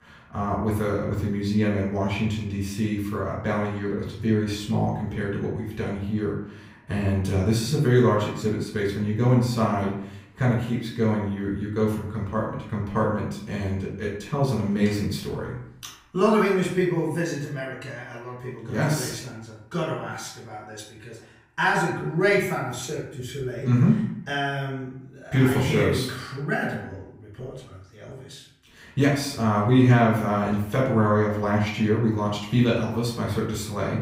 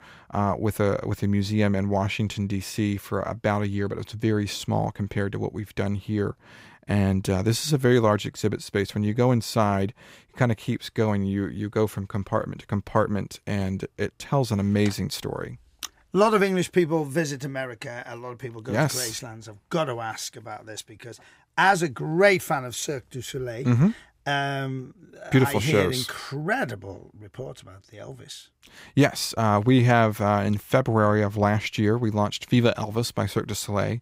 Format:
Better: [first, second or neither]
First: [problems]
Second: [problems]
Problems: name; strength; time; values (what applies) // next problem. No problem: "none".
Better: second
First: off-mic speech; far // room echo; noticeable; dies away in 0.6 s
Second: none